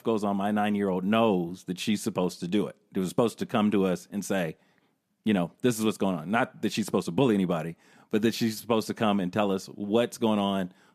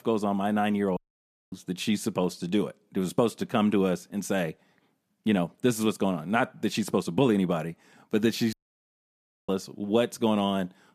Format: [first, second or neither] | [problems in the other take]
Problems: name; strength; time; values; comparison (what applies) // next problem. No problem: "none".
first | audio cutting out; at 1 s for 0.5 s and at 8.5 s for 1 s